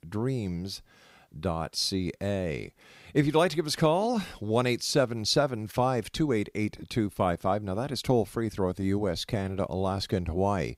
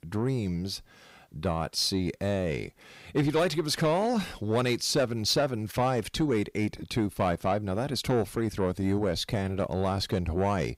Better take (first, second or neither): first